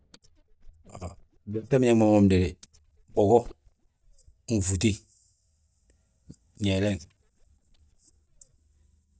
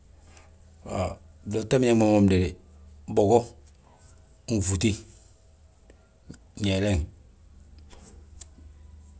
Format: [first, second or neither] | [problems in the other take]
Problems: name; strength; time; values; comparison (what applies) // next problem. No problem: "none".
second | noise reduction (neural mask model DeepFilterNet 3)